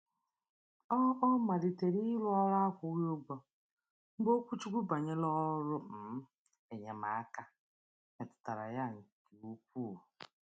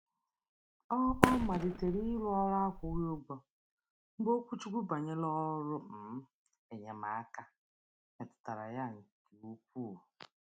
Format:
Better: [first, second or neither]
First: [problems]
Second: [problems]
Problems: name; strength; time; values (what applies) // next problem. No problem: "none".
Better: first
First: none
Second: background sound (Fireworks); 2 dB above the speech